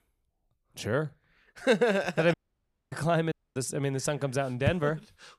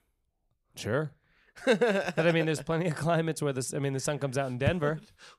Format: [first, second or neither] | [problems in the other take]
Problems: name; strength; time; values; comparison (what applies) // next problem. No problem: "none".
second | audio cutting out; at 2.5 s for 0.5 s and at 3.5 s